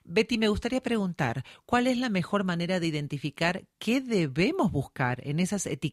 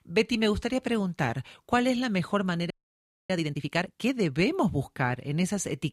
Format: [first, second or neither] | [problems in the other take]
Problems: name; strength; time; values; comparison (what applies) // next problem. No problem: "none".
first | audio freezing; at 2.5 s for 0.5 s